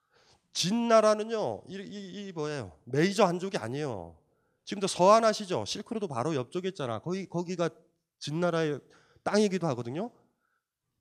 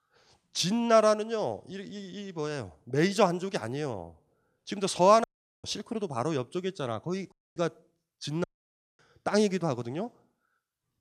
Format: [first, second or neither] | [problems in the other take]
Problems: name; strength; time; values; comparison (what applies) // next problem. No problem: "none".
first | audio cutting out; at 5 s, at 7.5 s and at 8.5 s for 0.5 s